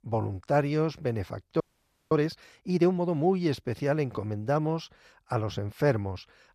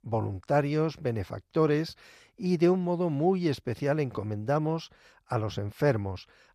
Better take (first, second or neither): second